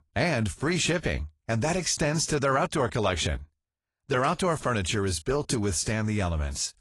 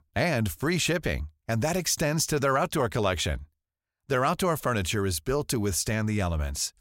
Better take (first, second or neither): second